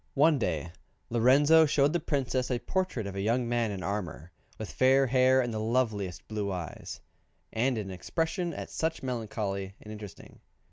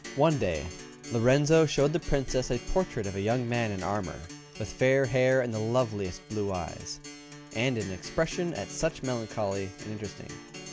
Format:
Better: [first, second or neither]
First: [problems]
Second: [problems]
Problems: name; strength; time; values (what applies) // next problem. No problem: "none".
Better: first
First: none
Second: background sound (Acoustic guitar); 15 dB below the speech